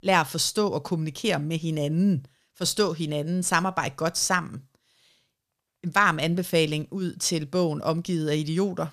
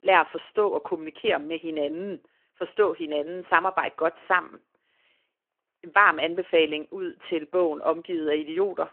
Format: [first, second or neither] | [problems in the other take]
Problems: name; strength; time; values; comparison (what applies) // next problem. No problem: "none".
first | phone-call audio